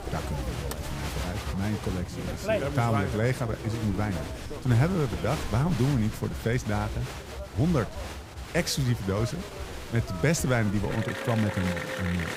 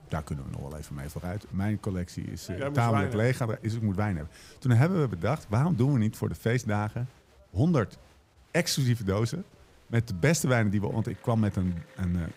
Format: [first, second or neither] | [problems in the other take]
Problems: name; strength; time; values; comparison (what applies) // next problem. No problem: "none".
second | crowd noise; loud; throughout; 7 dB below the speech; faint in the second